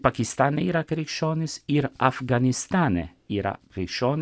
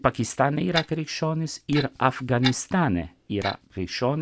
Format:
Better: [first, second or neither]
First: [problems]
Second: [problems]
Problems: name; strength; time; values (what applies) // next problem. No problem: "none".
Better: first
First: none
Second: background sound (Clock); 10 dB below the speech